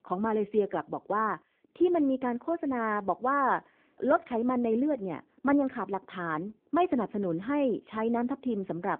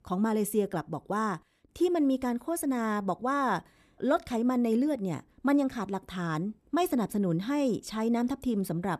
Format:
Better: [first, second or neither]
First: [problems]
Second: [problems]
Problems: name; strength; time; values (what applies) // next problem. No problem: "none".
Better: second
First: phone-call audio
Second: none